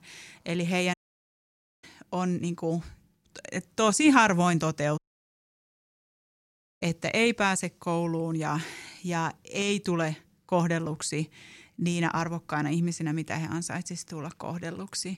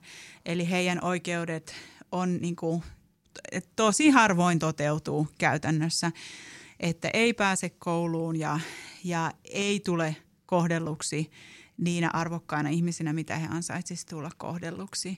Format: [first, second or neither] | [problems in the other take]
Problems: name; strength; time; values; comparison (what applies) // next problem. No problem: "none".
second | audio cutting out; at 1 s for 1 s and at 5 s for 2 s